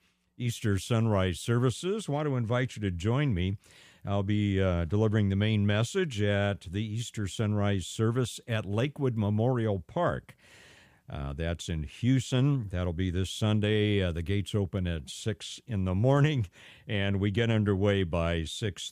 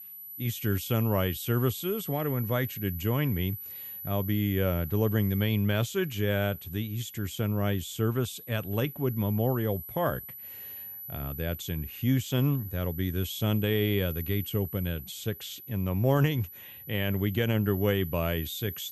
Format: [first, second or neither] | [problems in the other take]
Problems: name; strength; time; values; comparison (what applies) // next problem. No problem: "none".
first | high-pitched whine; noticeable; throughout; 12 kHz, 10 dB below the speech